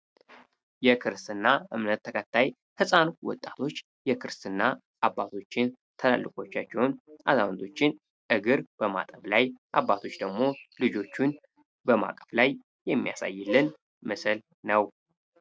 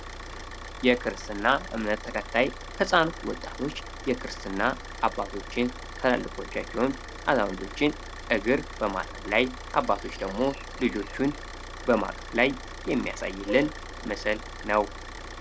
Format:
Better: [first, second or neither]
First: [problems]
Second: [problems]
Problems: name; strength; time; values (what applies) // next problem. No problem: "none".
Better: first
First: none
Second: background sound (Idling / Car); 11 dB below the speech